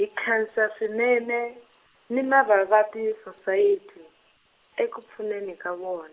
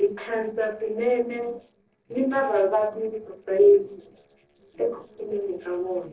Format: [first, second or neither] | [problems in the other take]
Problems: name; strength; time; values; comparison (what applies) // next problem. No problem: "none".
first | noise reduction (neural separator model SepFormer DNS4)